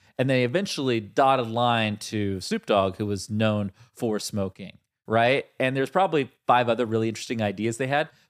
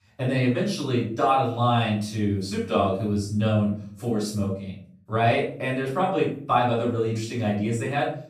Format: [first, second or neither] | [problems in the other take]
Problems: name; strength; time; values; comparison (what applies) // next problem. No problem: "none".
first | off-mic speech; far // room echo; noticeable; dies away in 0.5 s